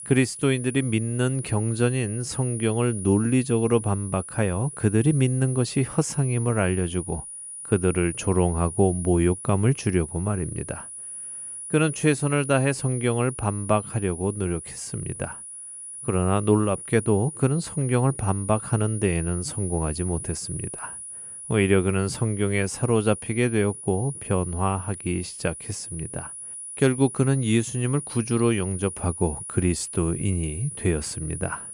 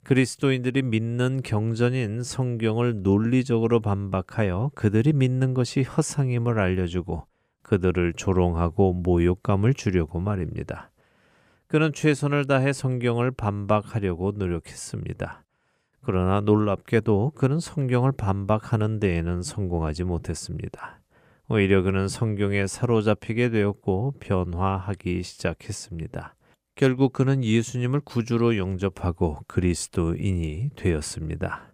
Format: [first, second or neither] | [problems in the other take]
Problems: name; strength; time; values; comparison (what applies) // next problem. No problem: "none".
second | high-pitched whine; loud; throughout; 9.5 kHz, 10 dB below the speech